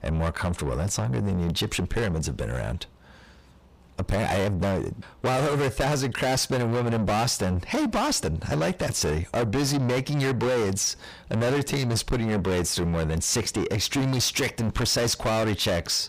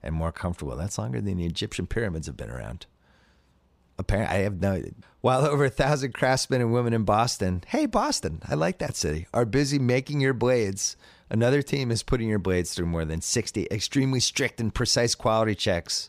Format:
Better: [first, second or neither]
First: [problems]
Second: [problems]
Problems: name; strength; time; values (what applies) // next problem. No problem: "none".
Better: second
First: distortion; heavy; 5 dB below the speech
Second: none